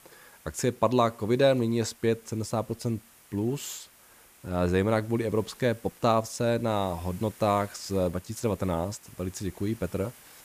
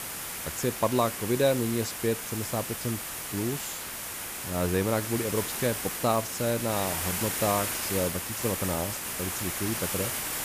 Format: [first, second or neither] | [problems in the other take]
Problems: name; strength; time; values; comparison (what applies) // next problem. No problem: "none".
first | hiss; loud; throughout; 2 dB below the speech; faint in the first